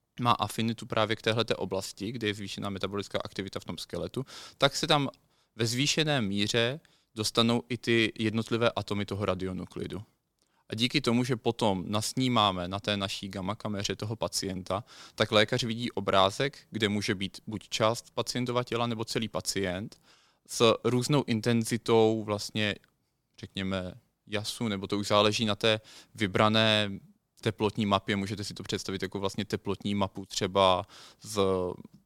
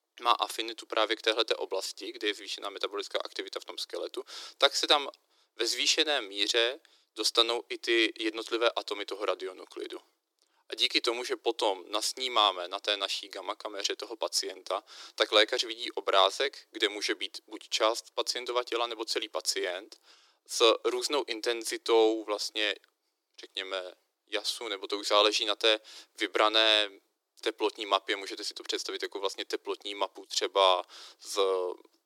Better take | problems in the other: first | thin; very; fading below 300 Hz

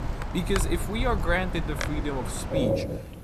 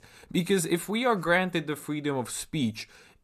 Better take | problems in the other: second | wind in the background; loud; throughout; 1 dB below the speech

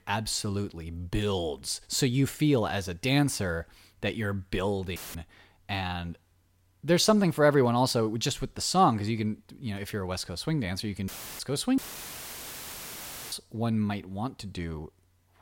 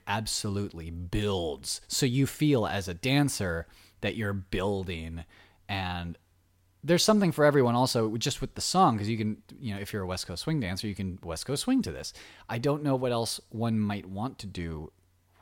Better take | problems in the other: second | audio cutting out; filled with static; at 5 s, at 11 s and at 12 s for 1.5 s

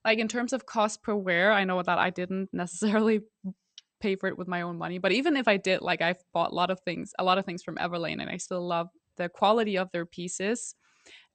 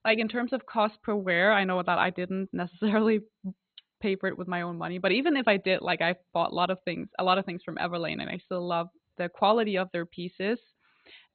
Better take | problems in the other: first | garbled, watery; badly; nothing above 4 kHz; slightly in the first

